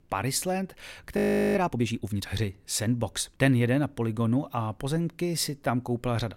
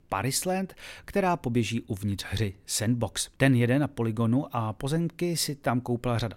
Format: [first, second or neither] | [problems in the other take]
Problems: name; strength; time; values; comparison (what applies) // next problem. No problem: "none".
second | audio freezing; at 1 s